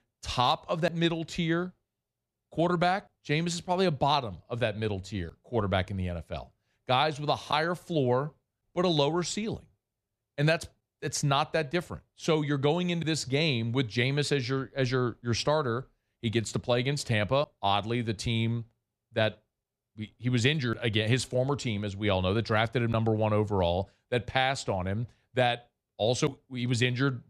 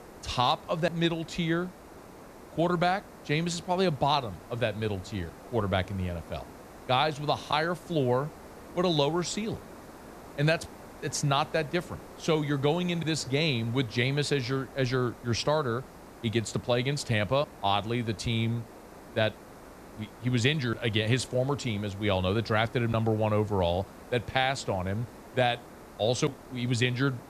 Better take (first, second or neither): first